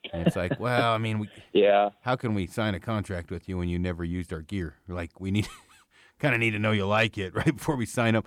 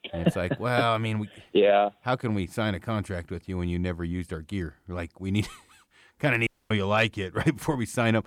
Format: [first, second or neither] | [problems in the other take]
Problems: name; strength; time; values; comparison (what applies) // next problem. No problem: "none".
first | audio cutting out; at 6.5 s